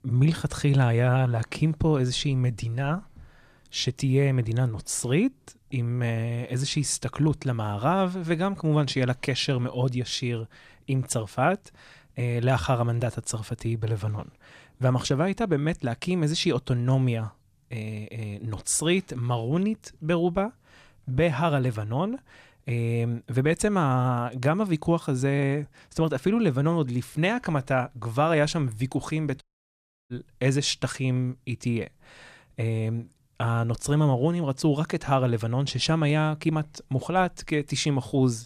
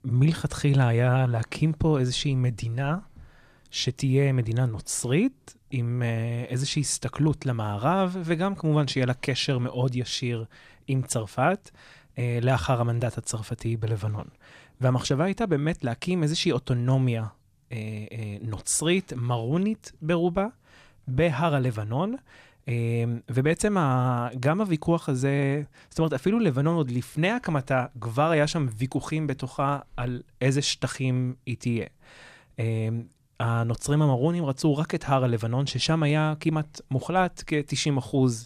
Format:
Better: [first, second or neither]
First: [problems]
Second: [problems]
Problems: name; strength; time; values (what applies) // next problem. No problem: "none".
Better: second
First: audio cutting out; at 29 s for 0.5 s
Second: none